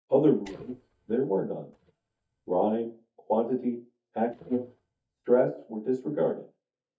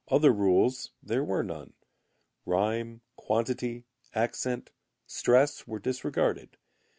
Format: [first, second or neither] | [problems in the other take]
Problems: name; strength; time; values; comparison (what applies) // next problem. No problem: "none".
second | noise reduction (neural mask model DeepFilterNet 3)